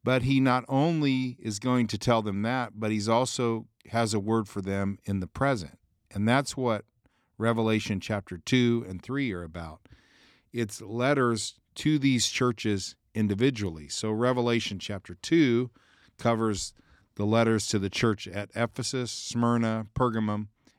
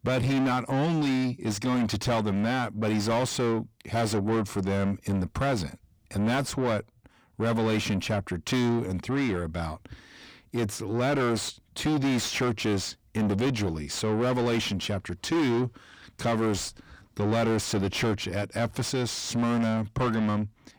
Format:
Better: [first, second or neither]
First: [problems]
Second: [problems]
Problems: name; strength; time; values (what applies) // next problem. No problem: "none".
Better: first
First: none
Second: distortion; heavy; 6 dB below the speech